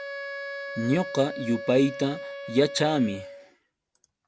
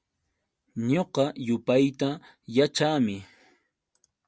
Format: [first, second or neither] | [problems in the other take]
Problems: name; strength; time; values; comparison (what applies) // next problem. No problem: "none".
second | background sound (Wind instrument, woodwind instrument); 10 dB below the speech